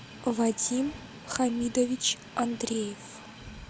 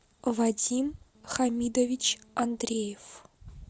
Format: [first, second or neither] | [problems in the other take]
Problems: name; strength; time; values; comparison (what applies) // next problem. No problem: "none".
second | background sound (Train); 16 dB below the speech